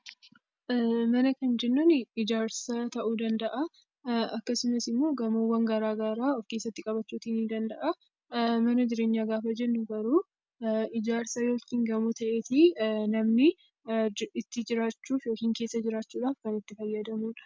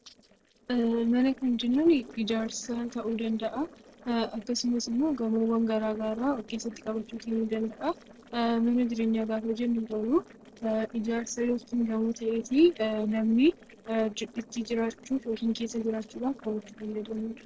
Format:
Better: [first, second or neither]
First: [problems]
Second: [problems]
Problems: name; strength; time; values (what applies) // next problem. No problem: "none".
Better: first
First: none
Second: noise reduction (neural separator model SepFormer DNS4)